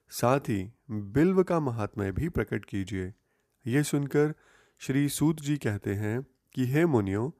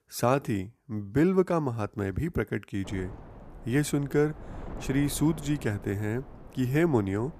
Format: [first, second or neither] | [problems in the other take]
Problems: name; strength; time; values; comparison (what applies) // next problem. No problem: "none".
first | wind noise on the microphone; occasional gusts; from 3 s on; 20 dB below the speech